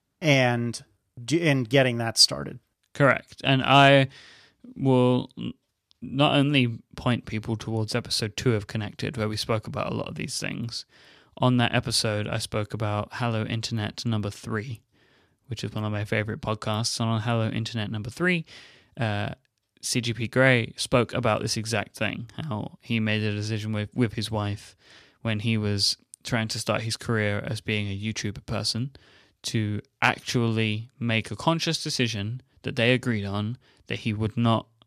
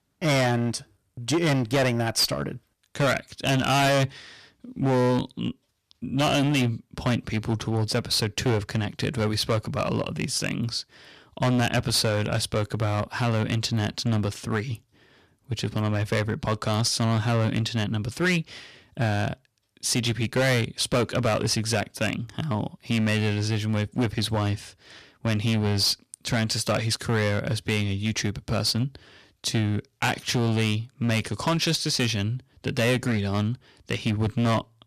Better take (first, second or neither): first